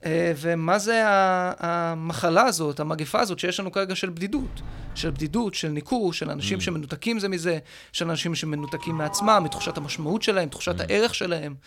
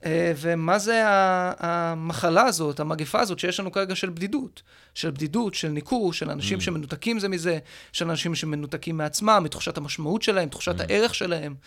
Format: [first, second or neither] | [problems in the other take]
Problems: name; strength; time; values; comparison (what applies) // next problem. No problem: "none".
second | door banging; faint; from 4.5 to 5.5 s; peak 15 dB below the speech // doorbell; noticeable; from 8.5 to 10 s; peak 7 dB below the speech